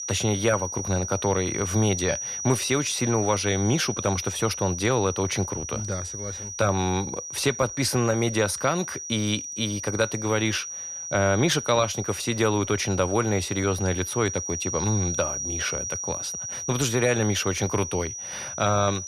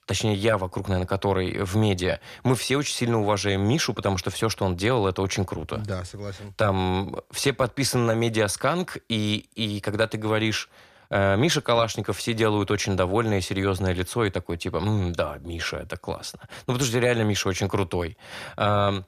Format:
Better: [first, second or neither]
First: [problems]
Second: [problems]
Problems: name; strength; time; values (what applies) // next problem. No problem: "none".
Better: second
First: high-pitched whine; loud; throughout; 6 kHz, 6 dB below the speech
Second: none